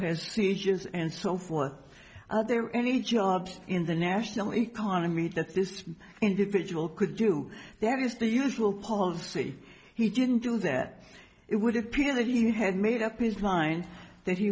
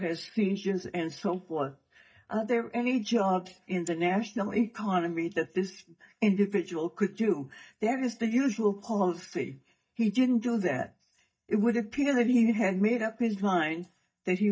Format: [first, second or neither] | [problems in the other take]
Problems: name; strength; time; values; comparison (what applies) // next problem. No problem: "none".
first | noise reduction (neural mask model DeepFilterNet 3)